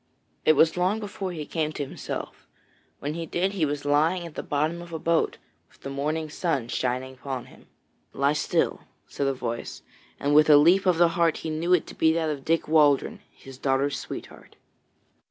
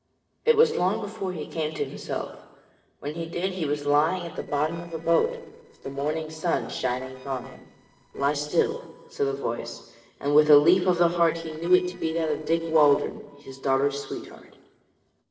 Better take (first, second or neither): first